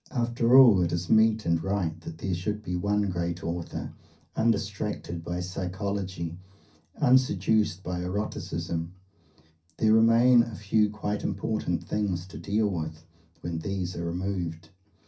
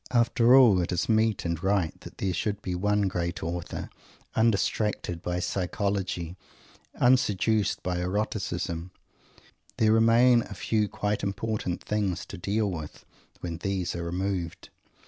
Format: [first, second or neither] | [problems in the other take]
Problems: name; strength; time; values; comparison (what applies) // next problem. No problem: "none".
second | room echo; dies away in 0.3 s